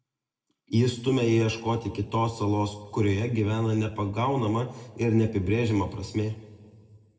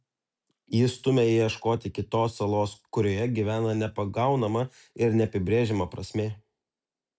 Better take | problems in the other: second | room echo; dies away in 1.3 s

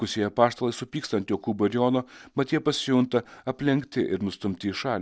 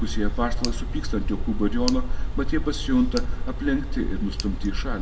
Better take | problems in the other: first | background sound (Tick); 2 dB above the speech // room echo; dies away in 1.6 s

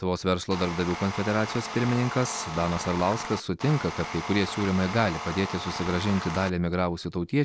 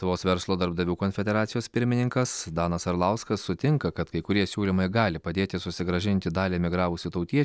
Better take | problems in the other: second | background sound (Tools); 8 dB below the speech

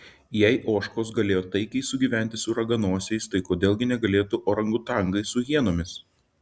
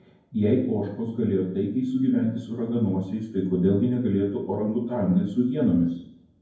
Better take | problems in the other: first | room echo; dies away in 0.9 s

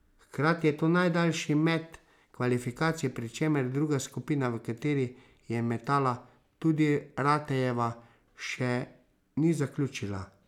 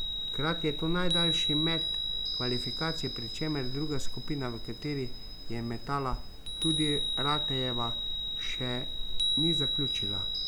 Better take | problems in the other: first | background sound (Chime); 3 dB above the speech

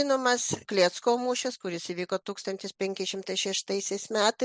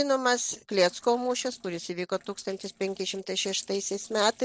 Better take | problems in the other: first | noise reduction (neural separator model SepFormer DNS4)

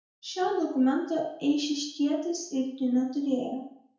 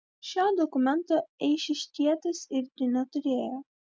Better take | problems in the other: second | room echo; dies away in 0.5 s

